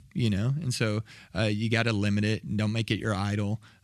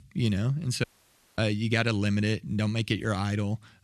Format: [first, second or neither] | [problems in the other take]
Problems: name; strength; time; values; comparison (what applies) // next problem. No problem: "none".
first | audio cutting out; at 1 s for 0.5 s